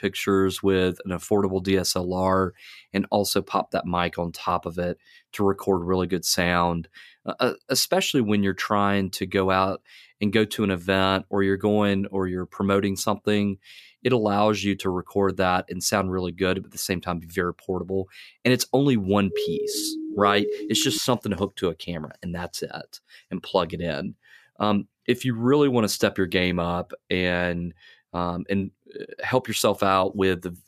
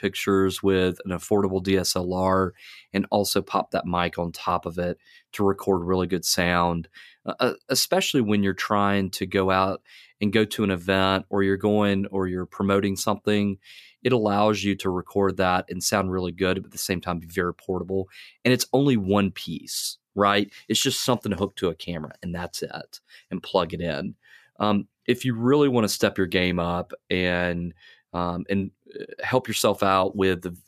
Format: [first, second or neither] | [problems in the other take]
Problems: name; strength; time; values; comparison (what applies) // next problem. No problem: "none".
second | siren; noticeable; from 19 to 21 s; peak 3 dB below the speech